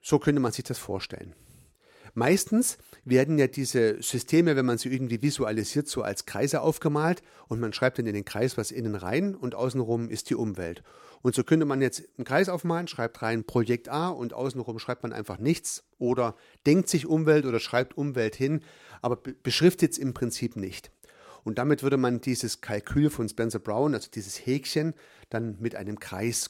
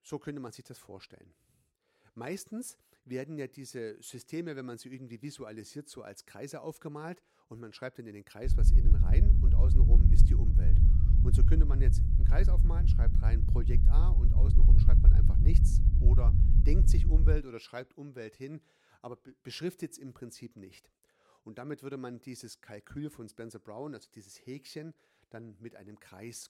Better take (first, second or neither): first